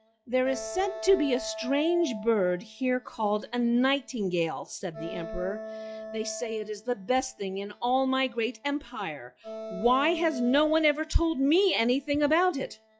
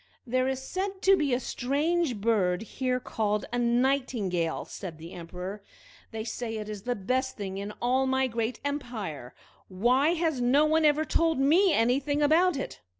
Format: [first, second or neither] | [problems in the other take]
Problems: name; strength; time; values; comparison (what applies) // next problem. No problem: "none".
second | noise reduction (classical method log-MMSE)